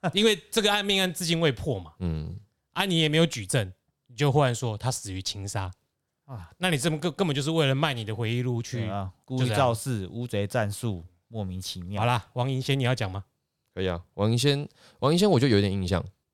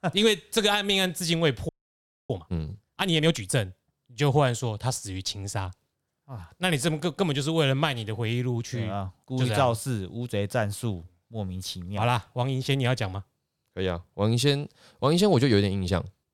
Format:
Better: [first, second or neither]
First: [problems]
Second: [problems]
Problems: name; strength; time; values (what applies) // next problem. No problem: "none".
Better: first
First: none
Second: audio freezing; at 1.5 s for 0.5 s